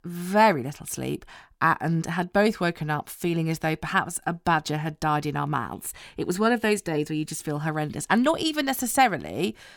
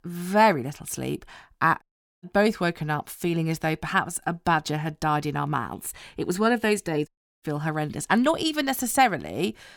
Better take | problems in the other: first | audio cutting out; at 2 s and at 7 s

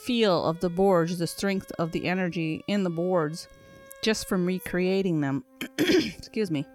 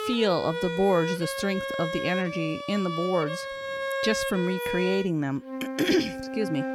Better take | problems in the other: first | background music; loud; throughout; 5 dB below the speech; faint in the first

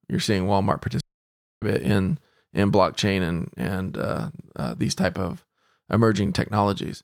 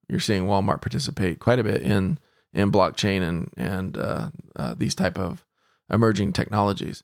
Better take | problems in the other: second | audio cutting out; at 1 s for 0.5 s

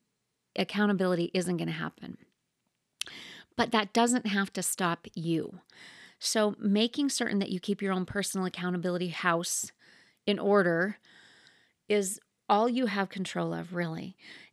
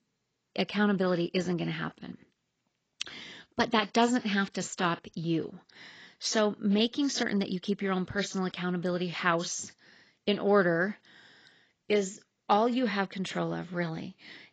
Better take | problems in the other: first | garbled, watery; badly; nothing above 7.5 kHz

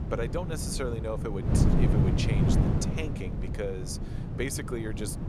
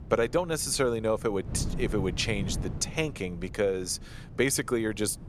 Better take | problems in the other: second | wind noise on the microphone; heavy; 1 dB below the speech; occasional gusts in the second

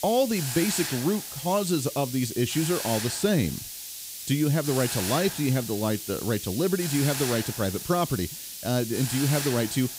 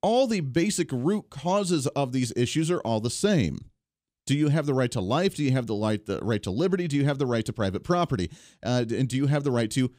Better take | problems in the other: second | hiss; loud; throughout; 6 dB below the speech

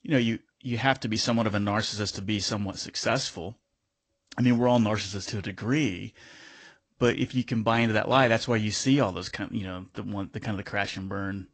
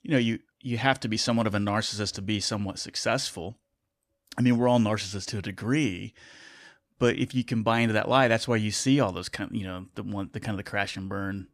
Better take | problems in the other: second | garbled, watery; slightly; nothing above 8 kHz

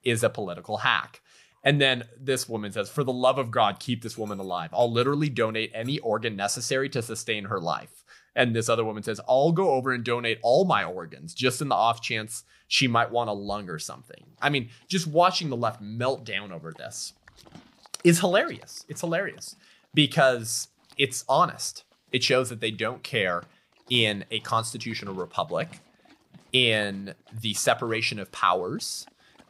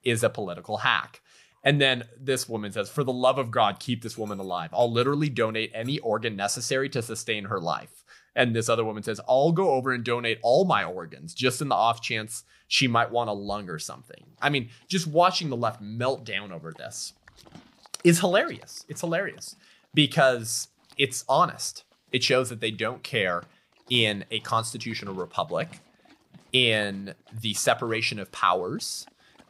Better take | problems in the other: neither | animal sounds; faint; throughout; 30 dB below the speech; the same in both

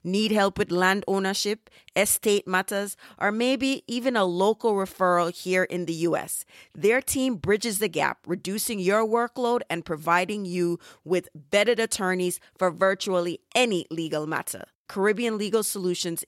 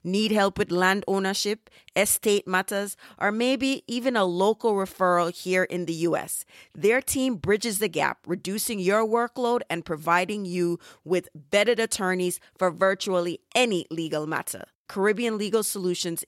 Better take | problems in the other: neither | none

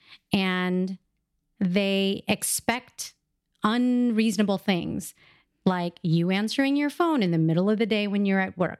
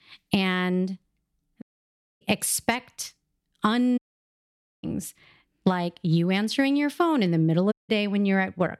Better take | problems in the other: first | audio cutting out; at 1.5 s for 0.5 s, at 4 s for 1 s and at 7.5 s

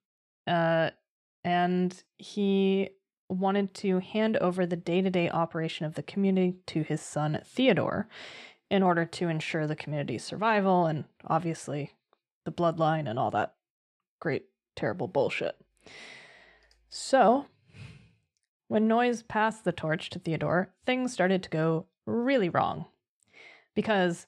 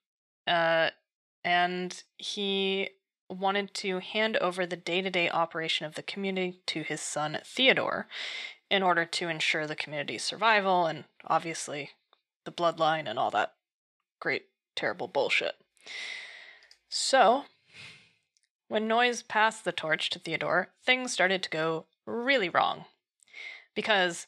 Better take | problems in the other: first | thin; somewhat; fading below 950 Hz

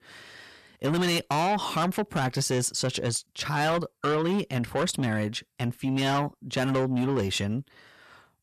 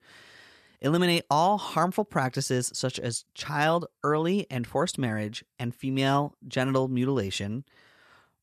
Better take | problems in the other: second | distortion; heavy; 7 dB below the speech

